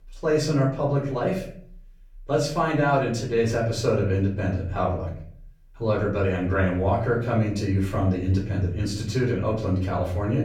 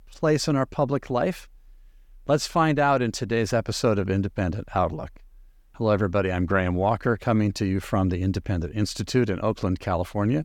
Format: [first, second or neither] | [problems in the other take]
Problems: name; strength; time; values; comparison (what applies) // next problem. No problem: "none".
second | off-mic speech; far // room echo; slight; dies away in 0.5 s